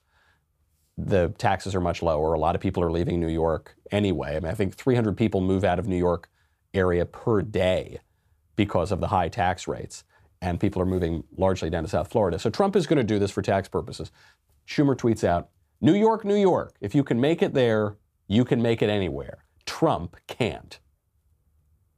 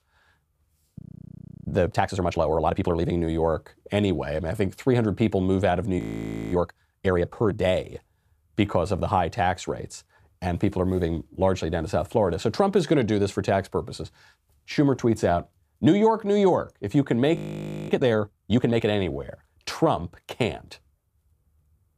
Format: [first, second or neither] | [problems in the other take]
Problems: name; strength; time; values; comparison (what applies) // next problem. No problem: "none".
first | audio freezing; at 1 s for 0.5 s, at 6 s for 0.5 s and at 17 s for 0.5 s